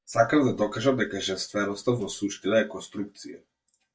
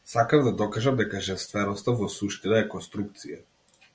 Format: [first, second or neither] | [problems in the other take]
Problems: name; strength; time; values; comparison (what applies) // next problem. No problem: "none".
second | noise reduction (neural mask model DeepFilterNet 3)